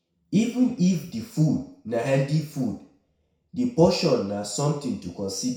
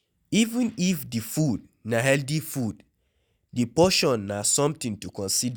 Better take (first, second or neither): second